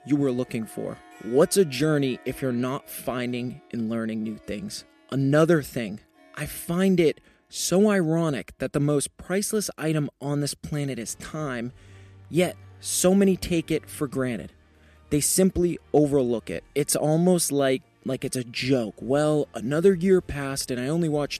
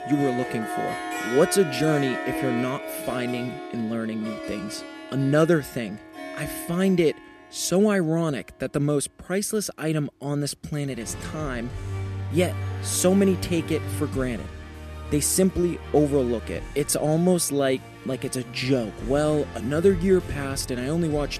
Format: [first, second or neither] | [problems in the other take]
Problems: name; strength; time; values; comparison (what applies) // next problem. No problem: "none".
first | background music; loud; throughout; 9 dB below the speech; faint in the first